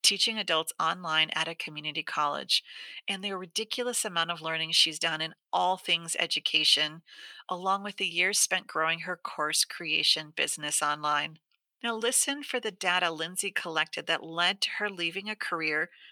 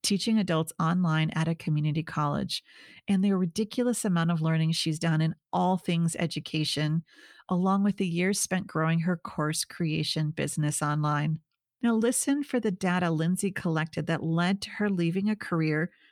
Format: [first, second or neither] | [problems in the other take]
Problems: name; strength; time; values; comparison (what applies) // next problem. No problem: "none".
second | thin; very; fading below 650 Hz